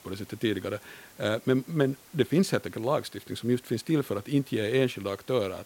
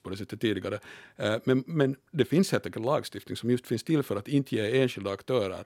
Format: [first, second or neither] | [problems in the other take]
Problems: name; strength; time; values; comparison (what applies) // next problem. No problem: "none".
second | hiss; faint; throughout; 25 dB below the speech